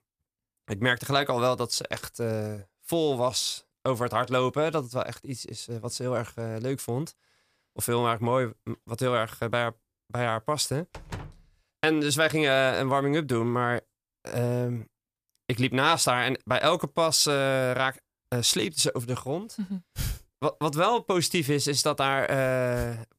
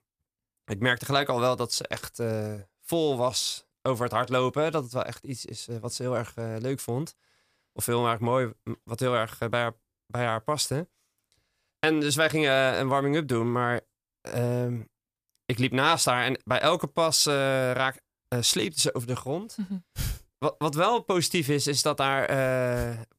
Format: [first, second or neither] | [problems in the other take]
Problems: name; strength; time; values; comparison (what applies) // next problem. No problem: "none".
second | door banging; faint; at 11 s; peak 15 dB below the speech